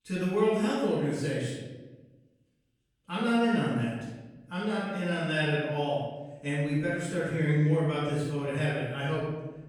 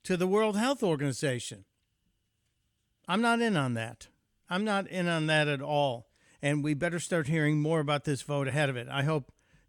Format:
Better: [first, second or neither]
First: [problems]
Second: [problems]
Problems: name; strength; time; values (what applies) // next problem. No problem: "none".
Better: second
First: off-mic speech; far // room echo; strong; dies away in 1.1 s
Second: none